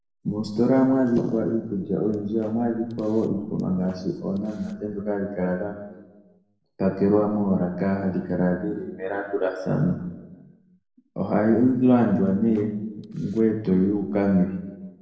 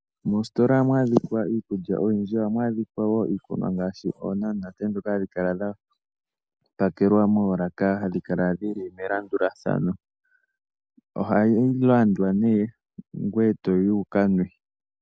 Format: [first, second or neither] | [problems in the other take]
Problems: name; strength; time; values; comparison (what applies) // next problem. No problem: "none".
second | noise reduction (neural separator model SepFormer DNS4)